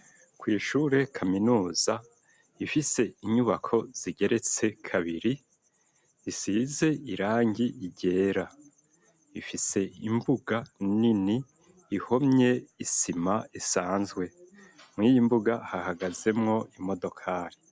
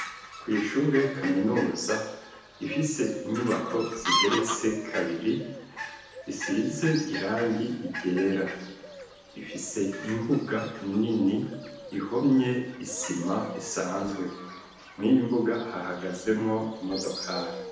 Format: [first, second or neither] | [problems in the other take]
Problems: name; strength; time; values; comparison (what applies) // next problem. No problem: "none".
first | background sound (Fowl); 9 dB below the speech // room echo; dies away in 0.9 s